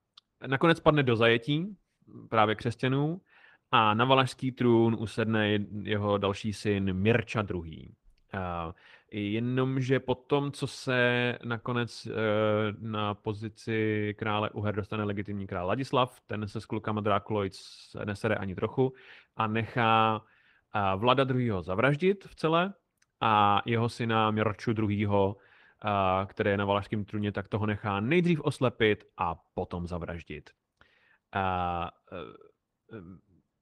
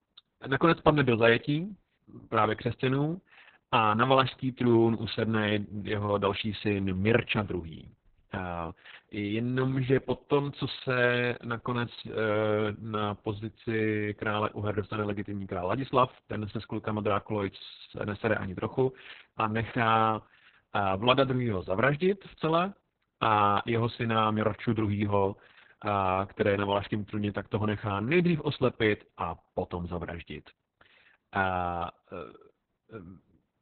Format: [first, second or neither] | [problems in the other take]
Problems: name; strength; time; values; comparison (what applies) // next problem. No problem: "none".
first | garbled, watery; badly; nothing above 4 kHz; slightly in the first